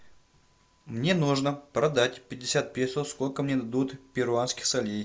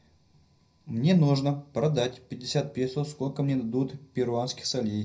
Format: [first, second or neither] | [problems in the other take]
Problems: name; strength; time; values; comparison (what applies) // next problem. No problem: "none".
first | room echo; dies away in 0.3 s